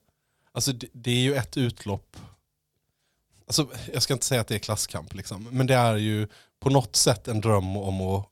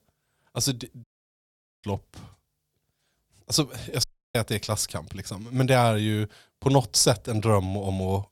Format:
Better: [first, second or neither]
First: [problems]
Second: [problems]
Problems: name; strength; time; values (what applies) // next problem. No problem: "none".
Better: first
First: none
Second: audio cutting out; at 1 s for 1 s and at 4 s